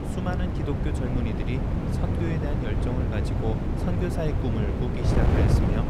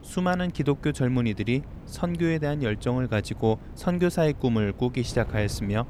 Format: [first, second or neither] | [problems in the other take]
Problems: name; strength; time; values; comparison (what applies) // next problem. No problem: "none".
second | wind noise on the microphone; heavy; 2 dB above the speech; occasional gusts in the second